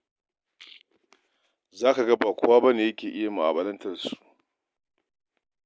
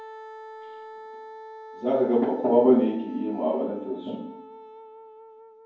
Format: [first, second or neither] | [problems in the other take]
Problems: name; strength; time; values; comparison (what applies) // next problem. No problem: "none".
first | background sound (Wind instrument, woodwind instrument); 16 dB below the speech // room echo; dies away in 0.9 s